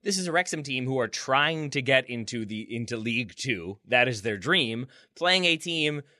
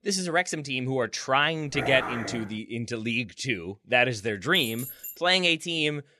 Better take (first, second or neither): first